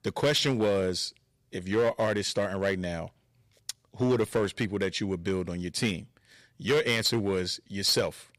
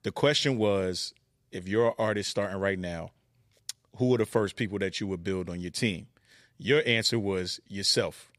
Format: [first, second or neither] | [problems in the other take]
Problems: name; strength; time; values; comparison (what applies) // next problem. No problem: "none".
second | distortion; slight; 4% of the sound clipped